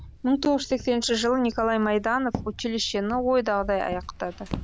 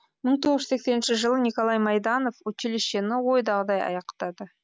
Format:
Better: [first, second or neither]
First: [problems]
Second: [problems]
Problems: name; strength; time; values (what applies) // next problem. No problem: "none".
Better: second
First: background sound (Walk, footsteps); 14 dB below the speech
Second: none